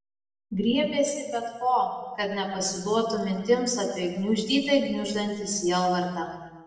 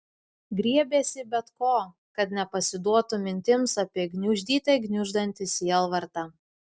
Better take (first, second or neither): second